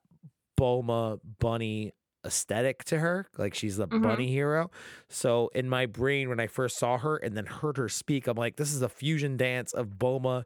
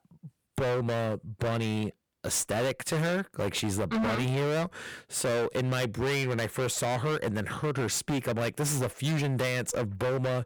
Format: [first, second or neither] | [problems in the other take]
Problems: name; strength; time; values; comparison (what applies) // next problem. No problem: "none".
first | distortion; heavy; 29% of the sound clipped